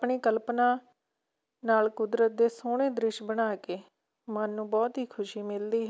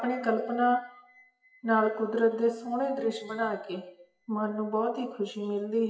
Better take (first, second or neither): first